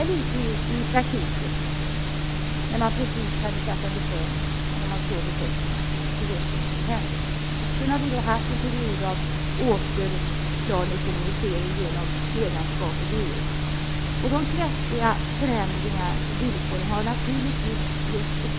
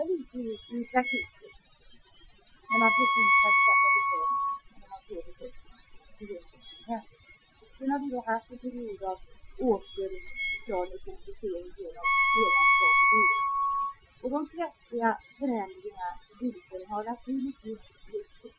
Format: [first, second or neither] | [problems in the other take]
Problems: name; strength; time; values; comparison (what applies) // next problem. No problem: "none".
first | noise reduction (classical method Wiener filter)